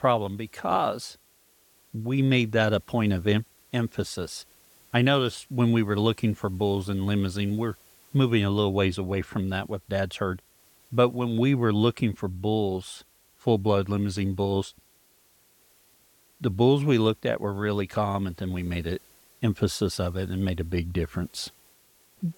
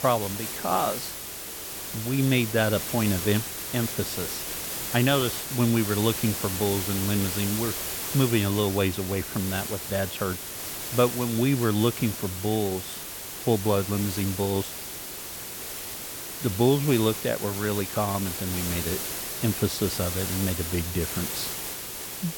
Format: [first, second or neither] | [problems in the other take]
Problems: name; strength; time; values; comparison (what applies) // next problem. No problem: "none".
first | hiss; loud; throughout; 4 dB below the speech; faint in the first